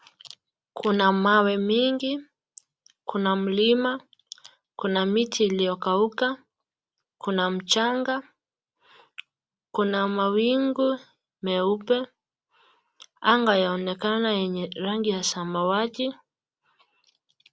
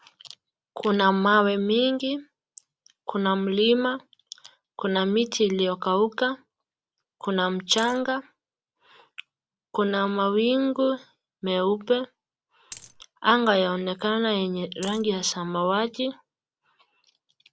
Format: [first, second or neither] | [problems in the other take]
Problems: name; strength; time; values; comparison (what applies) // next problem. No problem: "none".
first | background sound (Coin (dropping)); 17 dB below the speech